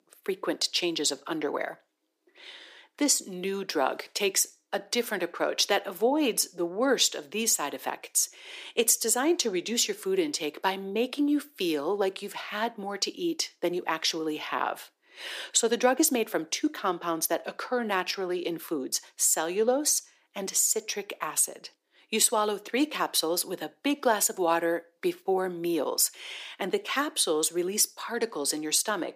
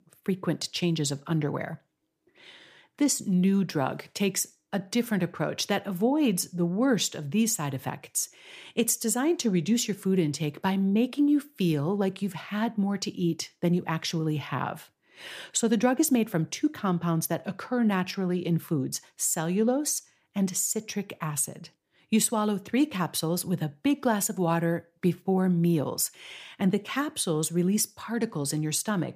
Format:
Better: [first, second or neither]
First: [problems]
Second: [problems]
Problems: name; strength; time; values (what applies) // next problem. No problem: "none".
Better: second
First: thin; somewhat; fading below 350 Hz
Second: none